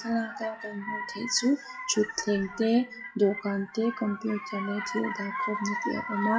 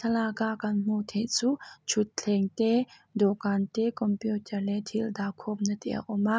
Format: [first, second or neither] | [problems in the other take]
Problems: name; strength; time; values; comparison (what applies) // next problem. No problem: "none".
second | noise reduction (classical method WPE with log-MMSE)